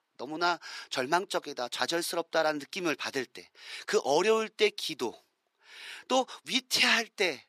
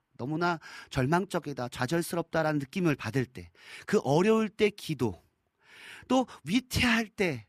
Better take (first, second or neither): second